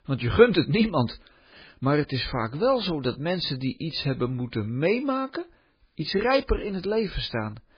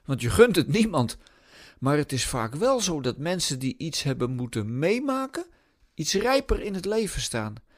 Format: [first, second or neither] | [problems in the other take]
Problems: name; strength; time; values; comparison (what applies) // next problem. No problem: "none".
second | garbled, watery; badly; nothing above 4 kHz